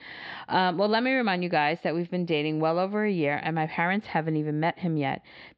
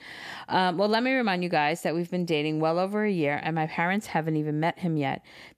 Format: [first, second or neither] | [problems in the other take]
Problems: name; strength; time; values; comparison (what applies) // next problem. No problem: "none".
second | muffled; very slightly; fading above 4 kHz